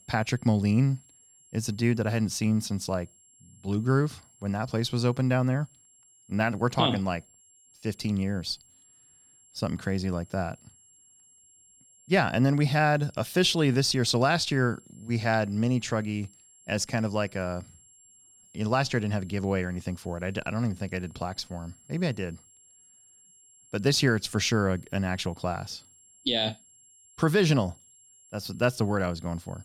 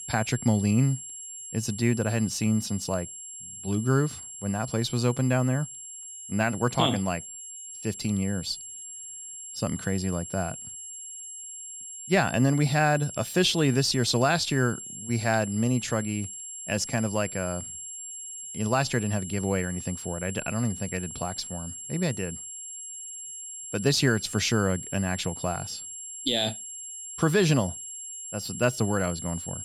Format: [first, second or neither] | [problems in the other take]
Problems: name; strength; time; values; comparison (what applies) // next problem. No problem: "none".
first | high-pitched whine; loud; throughout; 7.5 kHz, 10 dB below the speech; faint in the first